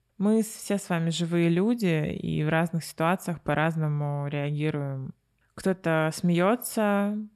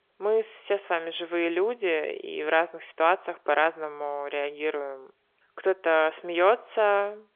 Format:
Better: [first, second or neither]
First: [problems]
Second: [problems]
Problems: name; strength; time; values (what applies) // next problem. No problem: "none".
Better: first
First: none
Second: phone-call audio; nothing above 3.5 kHz